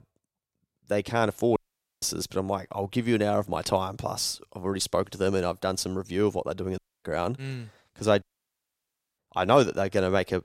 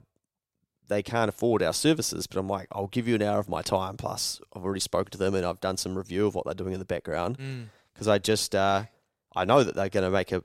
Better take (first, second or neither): second